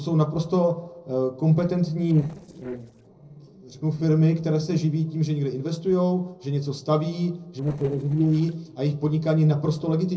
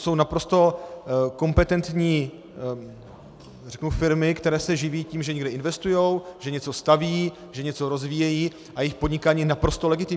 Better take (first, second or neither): second